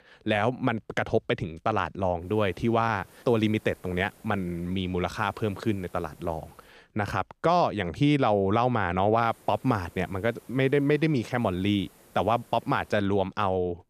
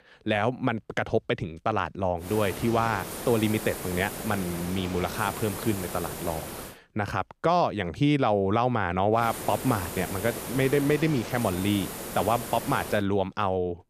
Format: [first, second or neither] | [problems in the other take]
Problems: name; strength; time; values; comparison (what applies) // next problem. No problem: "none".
first | hiss; loud; from 2.5 to 6.5 s and from 9 to 13 s; 8 dB below the speech; faint in the first